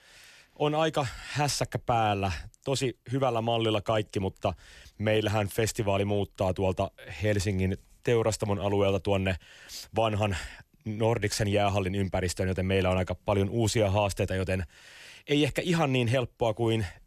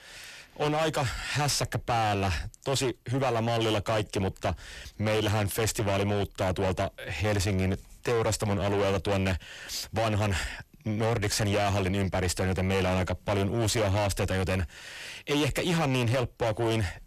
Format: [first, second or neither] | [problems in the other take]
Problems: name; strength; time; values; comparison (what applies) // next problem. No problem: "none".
first | distortion; heavy; 7 dB below the speech